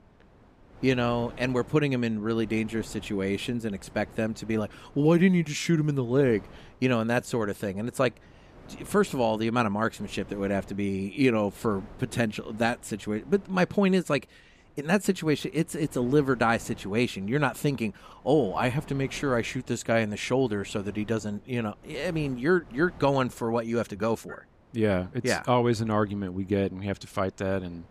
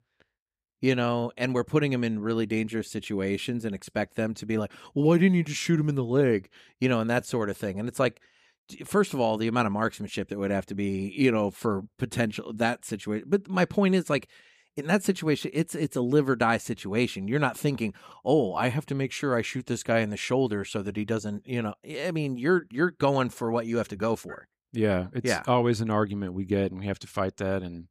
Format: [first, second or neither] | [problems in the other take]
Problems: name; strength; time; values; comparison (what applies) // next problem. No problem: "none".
second | wind noise on the microphone; occasional gusts; 25 dB below the speech